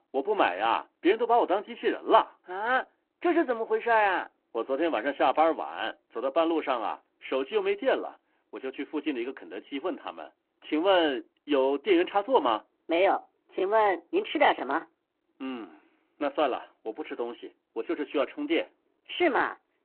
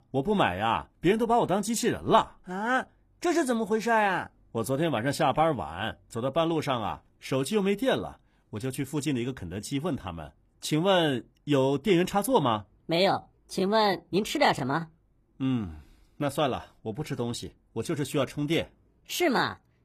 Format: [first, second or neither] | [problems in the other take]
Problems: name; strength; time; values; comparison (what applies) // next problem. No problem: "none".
second | phone-call audio